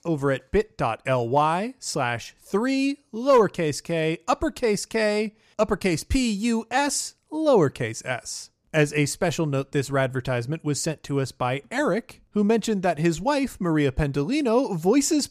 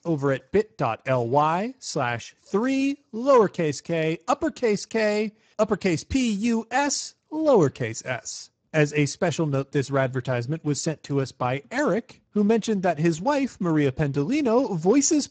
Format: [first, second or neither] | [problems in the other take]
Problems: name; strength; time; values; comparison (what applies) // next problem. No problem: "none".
first | garbled, watery; badly; nothing above 7.5 kHz